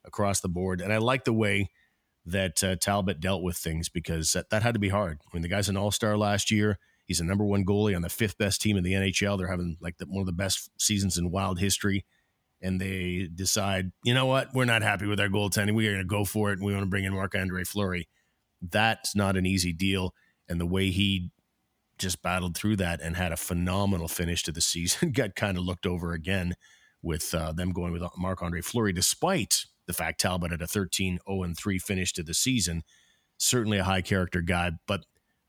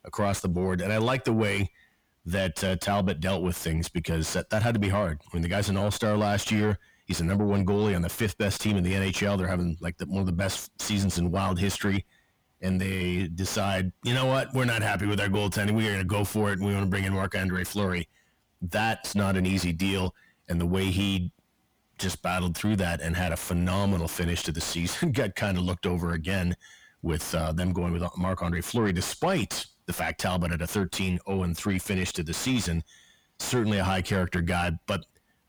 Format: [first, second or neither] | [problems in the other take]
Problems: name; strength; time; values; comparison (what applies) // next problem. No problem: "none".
first | distortion; heavy; 8 dB below the speech